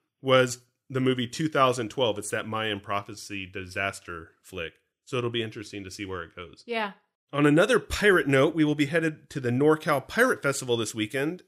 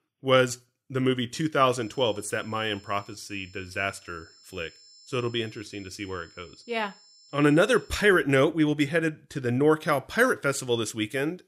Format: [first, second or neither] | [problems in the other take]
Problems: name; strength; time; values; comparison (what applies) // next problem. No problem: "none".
first | high-pitched whine; faint; from 1.5 to 8 s; 5.5 kHz, 25 dB below the speech